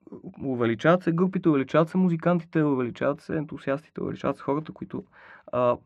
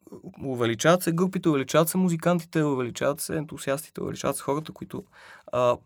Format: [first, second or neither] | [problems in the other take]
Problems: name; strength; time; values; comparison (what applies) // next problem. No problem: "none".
second | muffled; very; fading above 2 kHz